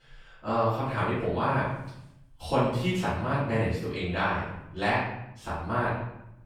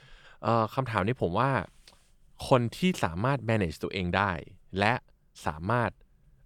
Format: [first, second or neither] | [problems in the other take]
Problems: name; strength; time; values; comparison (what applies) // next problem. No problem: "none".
second | off-mic speech; far // room echo; noticeable; dies away in 0.8 s